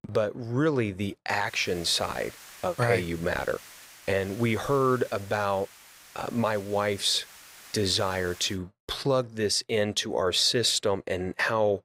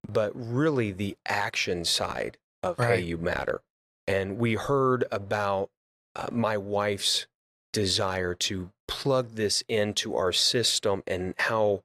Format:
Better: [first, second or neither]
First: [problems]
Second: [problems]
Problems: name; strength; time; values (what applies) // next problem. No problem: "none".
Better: second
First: hiss; noticeable; from 1.5 to 8.5 s; 20 dB below the speech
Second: none